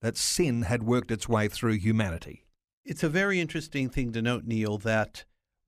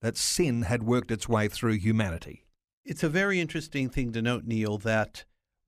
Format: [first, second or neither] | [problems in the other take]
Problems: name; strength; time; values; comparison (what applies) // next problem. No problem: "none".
neither | none